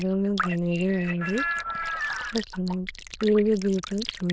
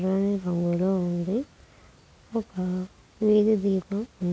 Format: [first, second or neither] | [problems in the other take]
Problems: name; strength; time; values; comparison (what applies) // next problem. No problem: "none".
second | noise reduction (neural diffusion model UNIVERSE++)